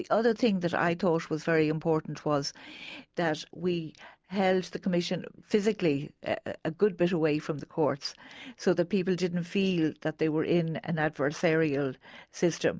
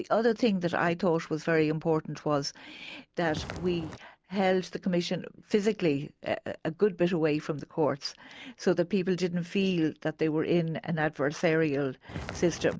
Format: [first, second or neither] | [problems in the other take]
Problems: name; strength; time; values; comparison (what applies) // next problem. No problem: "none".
first | background sound (Walk, footsteps); 11 dB below the speech